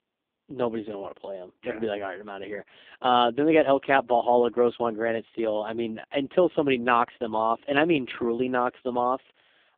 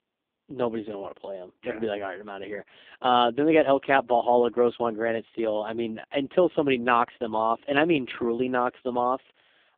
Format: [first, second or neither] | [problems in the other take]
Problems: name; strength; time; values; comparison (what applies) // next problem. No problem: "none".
neither | phone-call audio; poor line; the same in both